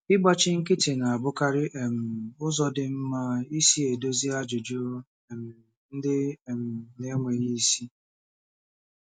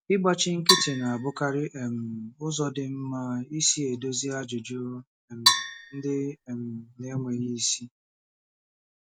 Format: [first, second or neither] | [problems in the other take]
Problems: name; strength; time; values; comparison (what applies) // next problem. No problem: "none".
first | background sound (Percussion); 2 dB above the speech